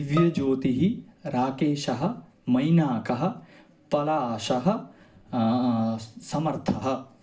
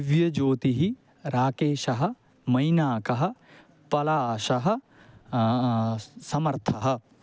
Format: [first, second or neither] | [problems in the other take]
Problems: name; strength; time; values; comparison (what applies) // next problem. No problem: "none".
second | background sound (Bowed string instrument); 14 dB below the speech // room echo; dies away in 0.4 s